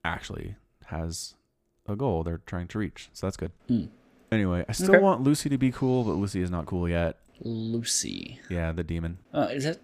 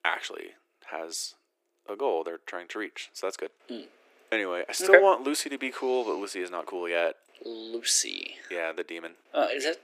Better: first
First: none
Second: thin; very; fading below 350 Hz

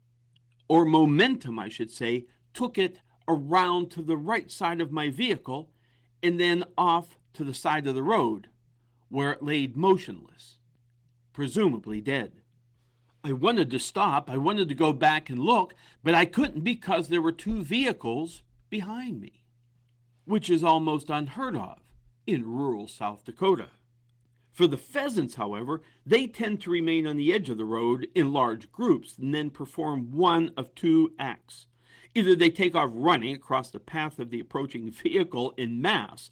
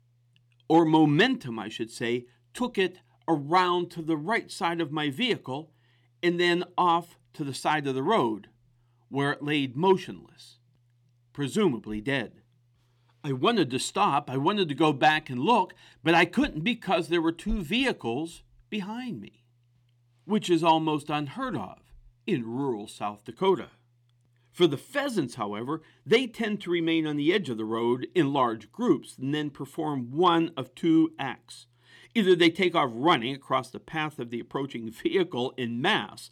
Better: second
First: garbled, watery; slightly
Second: none

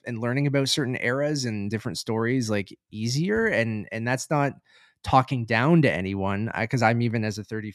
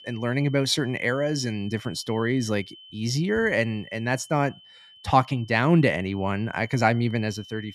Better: first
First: none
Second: high-pitched whine; faint; throughout; 3 kHz, 20 dB below the speech

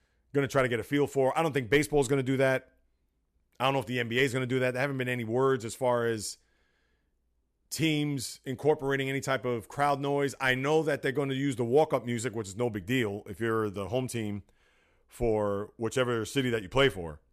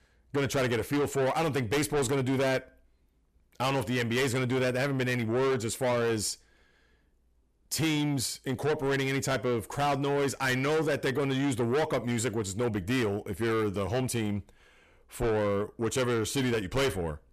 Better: first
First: none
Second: distortion; heavy; 6 dB below the speech

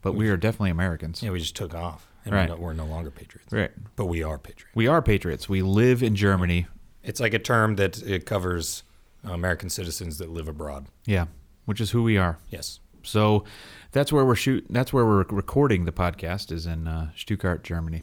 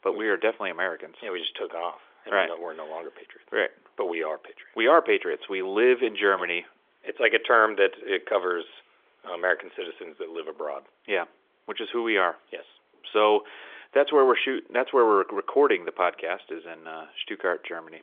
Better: first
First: none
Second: phone-call audio; nothing above 3.5 kHz

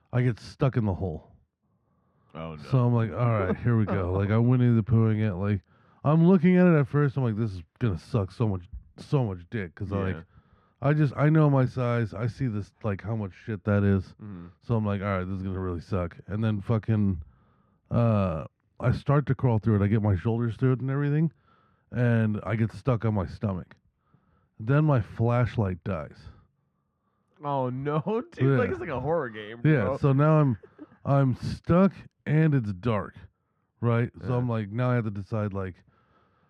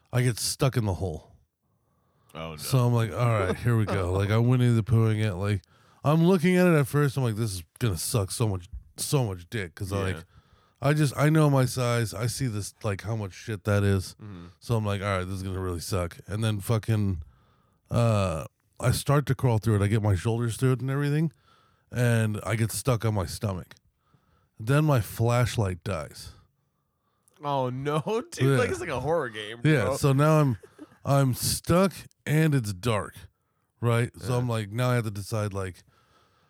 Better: second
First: muffled; very; fading above 2 kHz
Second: none

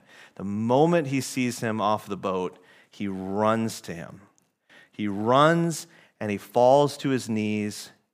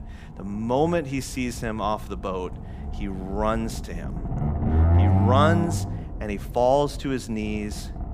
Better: first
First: none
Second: low rumble; loud; throughout; 9 dB below the speech

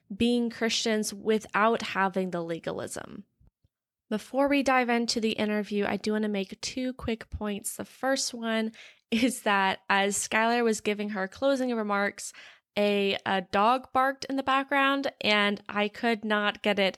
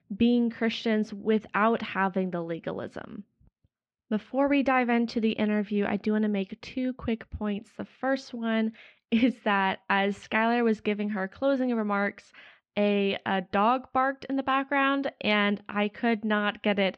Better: first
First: none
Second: muffled; slightly; fading above 3 kHz

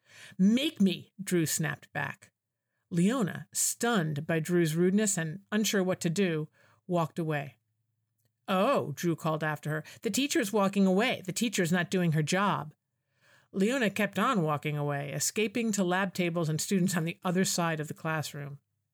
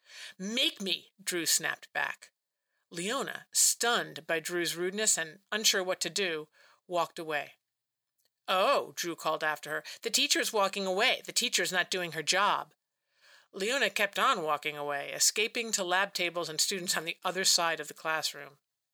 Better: first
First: none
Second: thin; very; fading below 550 Hz

